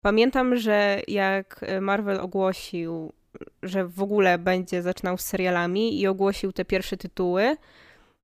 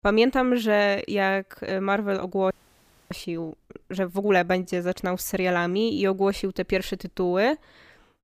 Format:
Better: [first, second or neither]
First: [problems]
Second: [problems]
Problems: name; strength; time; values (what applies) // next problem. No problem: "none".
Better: first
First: none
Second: audio freezing; at 2.5 s for 0.5 s